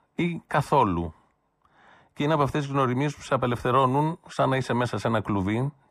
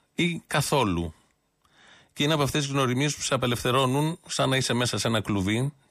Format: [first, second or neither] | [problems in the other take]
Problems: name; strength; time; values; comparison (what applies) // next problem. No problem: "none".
second | muffled; very; fading above 2.5 kHz